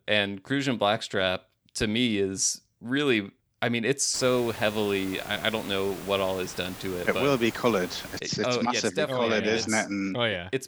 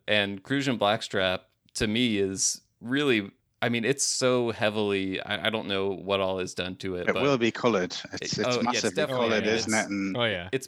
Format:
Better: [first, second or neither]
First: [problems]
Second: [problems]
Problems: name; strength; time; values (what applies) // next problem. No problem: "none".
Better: second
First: hiss; noticeable; from 4 to 8 s; 15 dB below the speech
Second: none